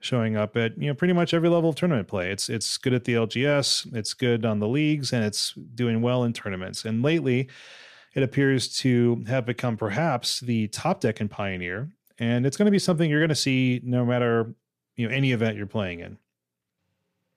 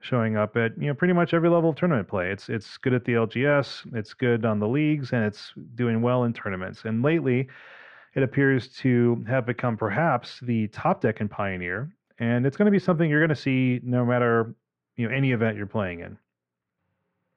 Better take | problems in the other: first | muffled; very; fading above 2 kHz

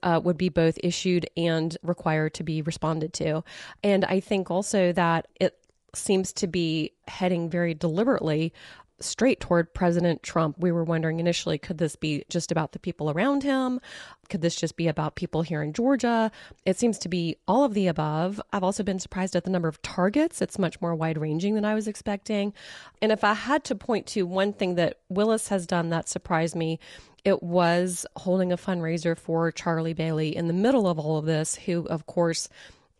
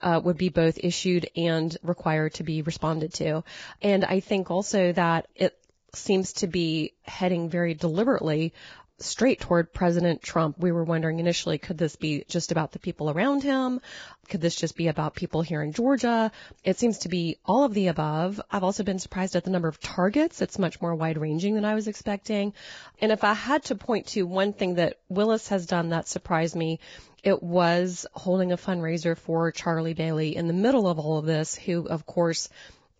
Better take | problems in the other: first | garbled, watery; badly; nothing above 7.5 kHz; slightly in the first

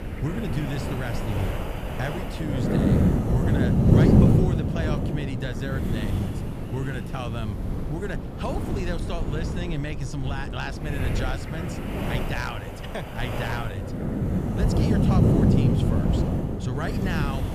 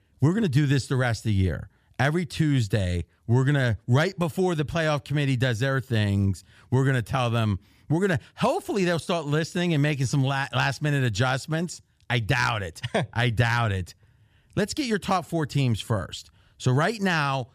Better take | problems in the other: second | wind noise on the microphone; heavy; 3 dB above the speech

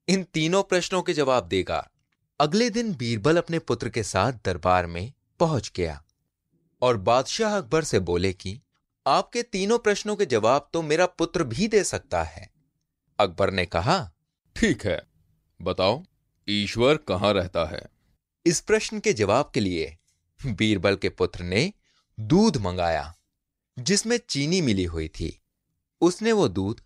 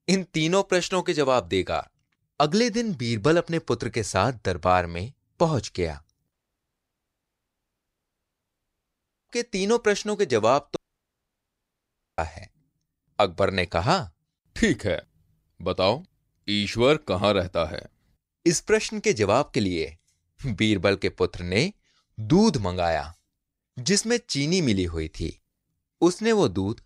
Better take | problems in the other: first | audio cutting out; at 6.5 s for 3 s and at 11 s for 1.5 s

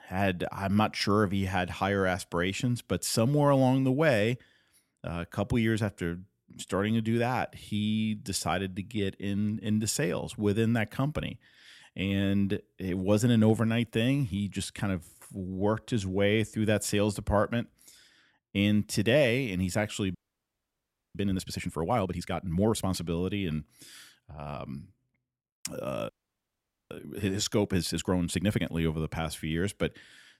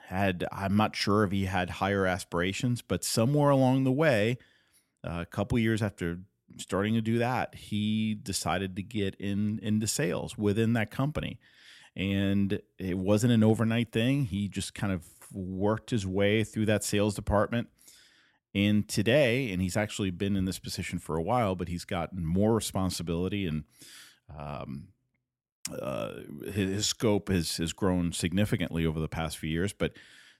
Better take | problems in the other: second | audio freezing; at 20 s for 1 s and at 26 s for 1 s

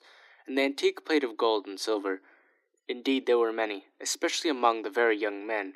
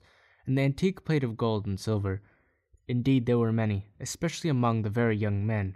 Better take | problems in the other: second | thin; somewhat; fading below 300 Hz

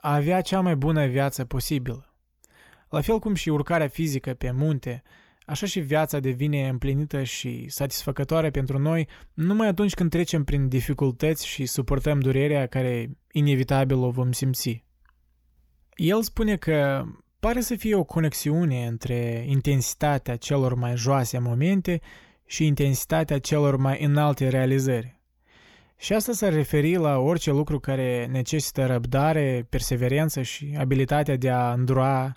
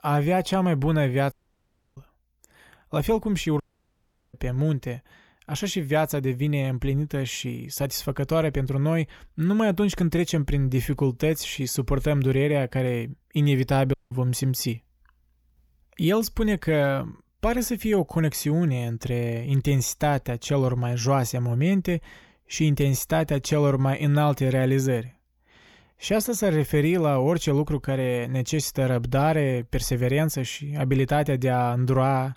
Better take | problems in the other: first | audio cutting out; at 1.5 s for 0.5 s, at 3.5 s for 0.5 s and at 14 s

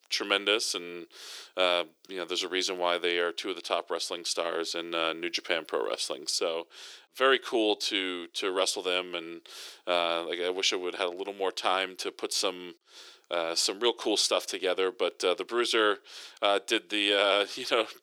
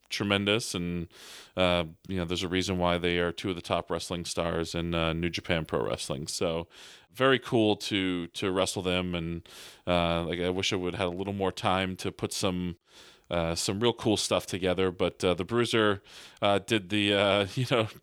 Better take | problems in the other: second | thin; somewhat; fading below 350 Hz

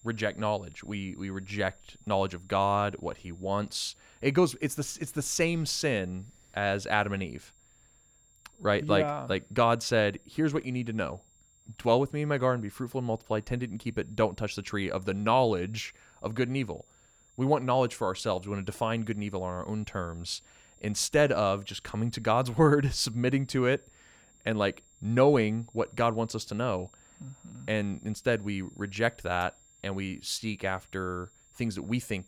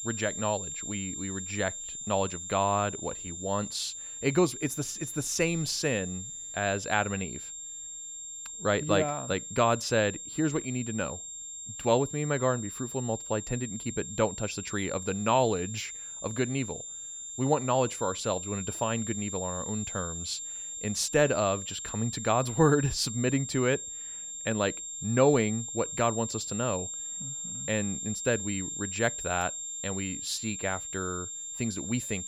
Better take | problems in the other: first | high-pitched whine; loud; throughout; 7.5 kHz, 6 dB below the speech; faint in the first

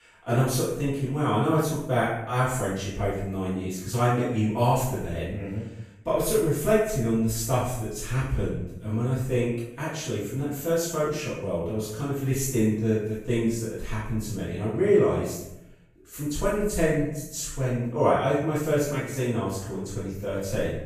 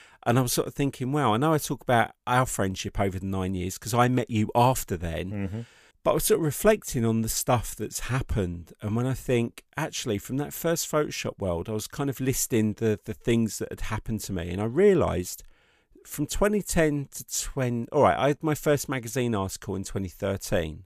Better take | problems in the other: second | off-mic speech; far // room echo; strong; dies away in 0.7 s

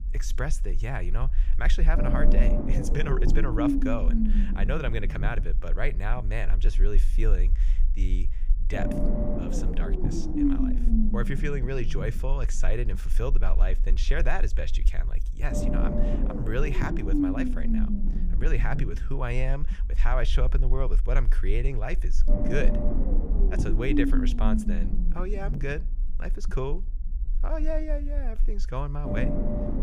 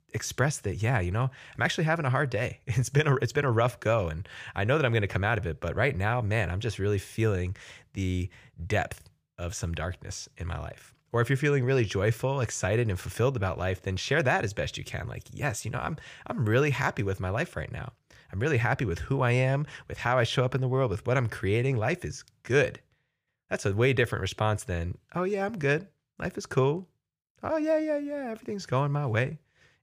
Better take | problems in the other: second | low rumble; loud; throughout; as loud as the speech

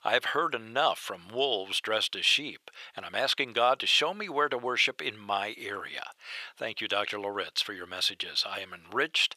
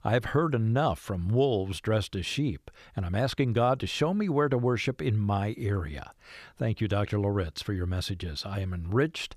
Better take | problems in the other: second | thin; very; fading below 650 Hz

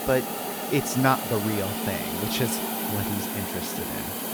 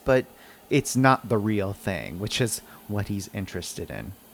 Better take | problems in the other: second | hiss; loud; throughout; 1 dB below the speech; faint in the second

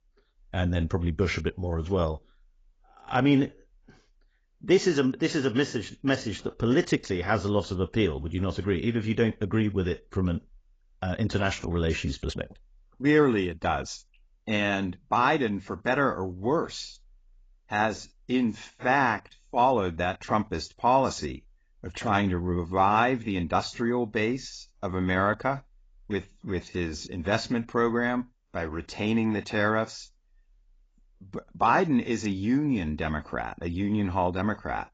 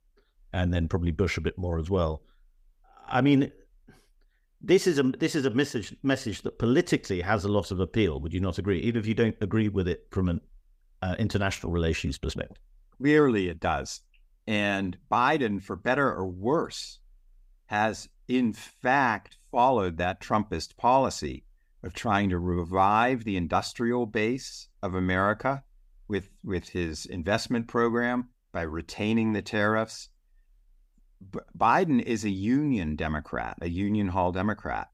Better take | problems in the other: second | garbled, watery; badly; nothing above 7.5 kHz

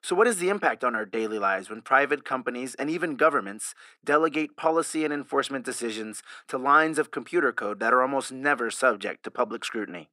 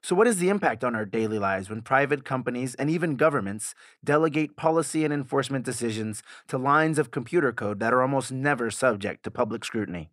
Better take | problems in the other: second | thin; very slightly; fading below 250 Hz

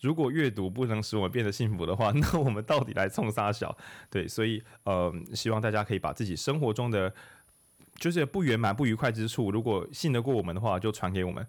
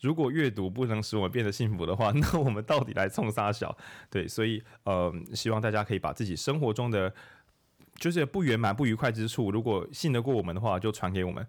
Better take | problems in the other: second | high-pitched whine; faint; throughout; 10 kHz, 35 dB below the speech

